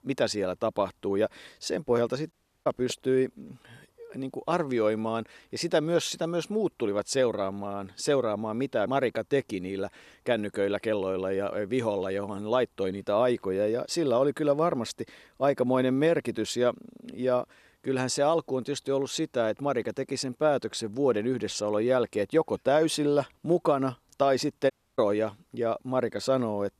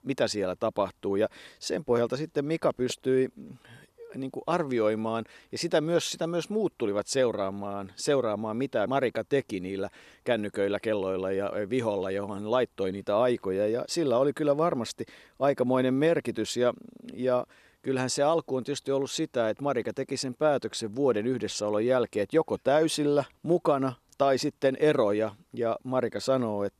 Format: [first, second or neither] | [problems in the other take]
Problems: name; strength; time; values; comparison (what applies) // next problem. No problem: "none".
second | audio cutting out; at 2.5 s and at 25 s